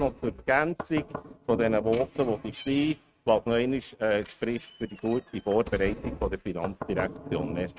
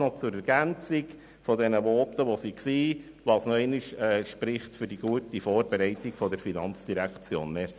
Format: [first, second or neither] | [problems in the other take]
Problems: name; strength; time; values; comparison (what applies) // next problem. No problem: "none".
second | noise reduction (neural mask model RNNoise)